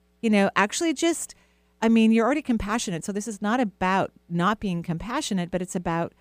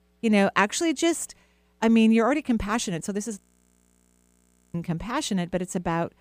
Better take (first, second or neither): first